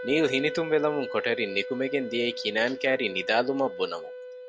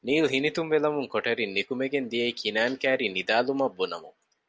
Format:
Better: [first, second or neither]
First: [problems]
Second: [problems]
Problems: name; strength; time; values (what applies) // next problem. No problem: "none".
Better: second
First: background sound (Wind instrument, woodwind instrument); 10 dB below the speech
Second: none